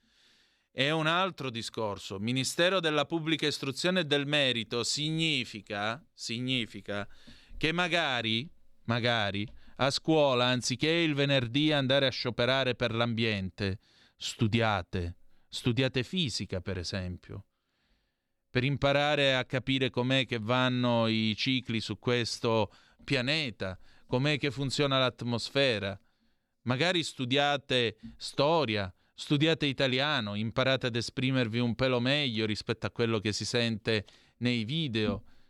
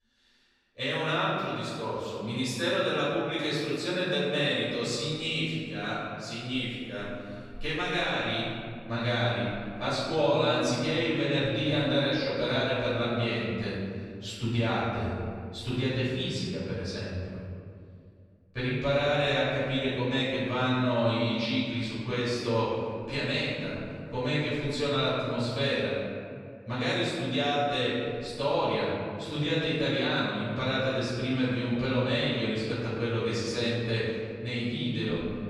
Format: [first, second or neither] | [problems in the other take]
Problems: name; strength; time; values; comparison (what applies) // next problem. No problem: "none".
first | off-mic speech; far // room echo; strong; dies away in 2.1 s